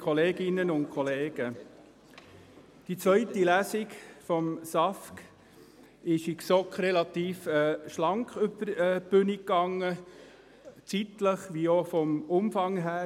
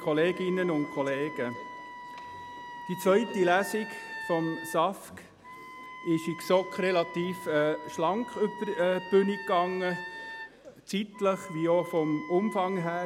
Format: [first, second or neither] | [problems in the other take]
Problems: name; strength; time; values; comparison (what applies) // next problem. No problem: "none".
first | background sound (Wind instrument, woodwind instrument); 13 dB below the speech